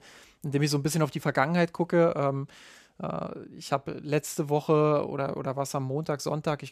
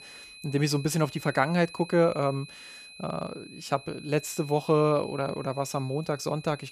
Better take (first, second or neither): first